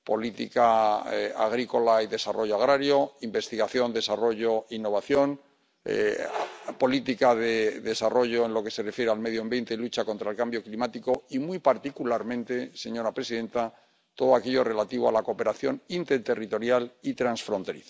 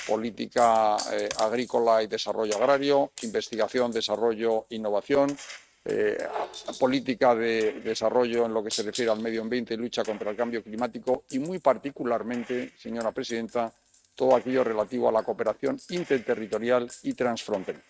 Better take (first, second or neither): first